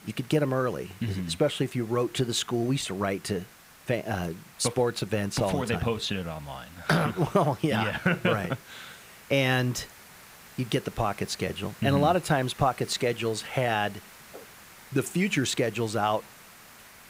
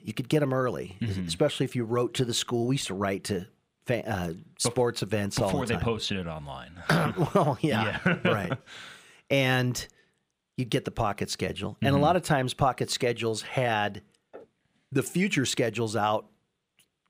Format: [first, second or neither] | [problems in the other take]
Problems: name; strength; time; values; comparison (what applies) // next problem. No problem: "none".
second | hiss; faint; throughout; 20 dB below the speech